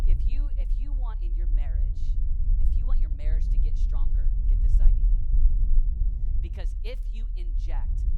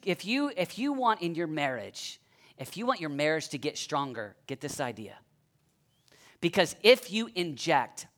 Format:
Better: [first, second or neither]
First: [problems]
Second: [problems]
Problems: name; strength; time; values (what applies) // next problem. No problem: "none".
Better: second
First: low rumble; loud; throughout; 2 dB below the speech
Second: none